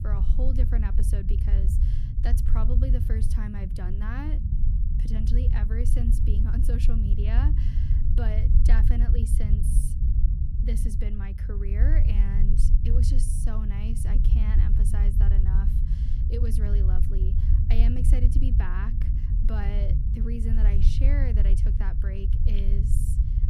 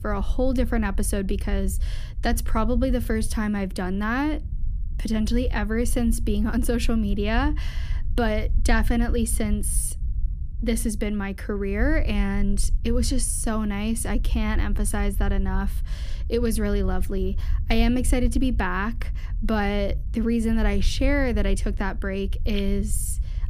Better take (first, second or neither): second